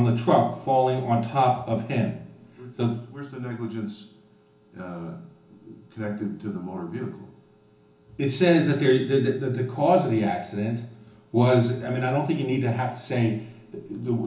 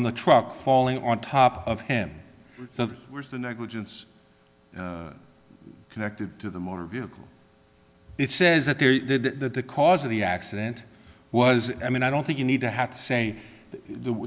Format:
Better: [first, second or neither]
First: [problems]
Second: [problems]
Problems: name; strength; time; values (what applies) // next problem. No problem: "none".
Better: second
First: room echo; dies away in 0.8 s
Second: none